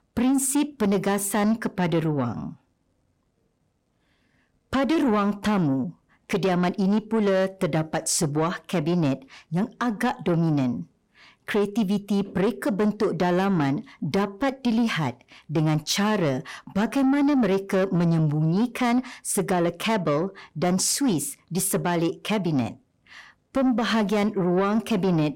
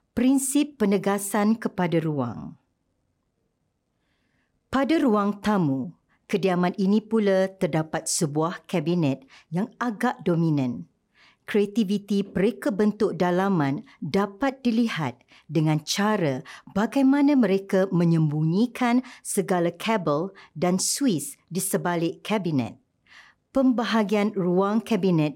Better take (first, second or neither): second